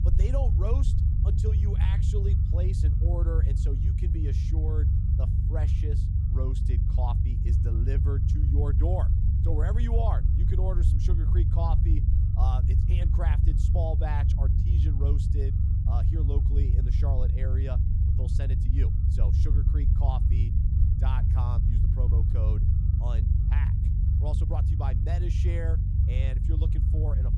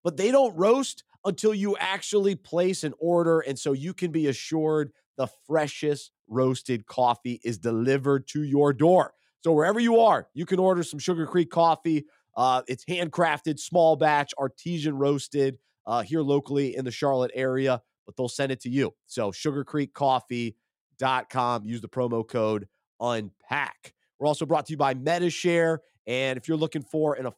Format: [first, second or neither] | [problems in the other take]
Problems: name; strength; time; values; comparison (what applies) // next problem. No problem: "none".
second | low rumble; loud; throughout; 1 dB below the speech